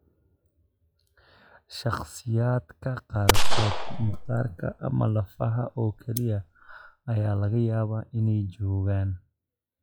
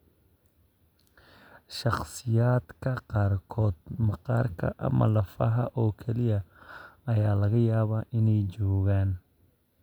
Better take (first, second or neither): second